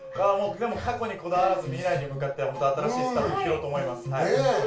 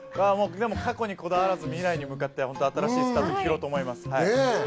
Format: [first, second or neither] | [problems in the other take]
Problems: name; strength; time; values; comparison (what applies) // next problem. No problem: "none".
second | room echo; dies away in 0.3 s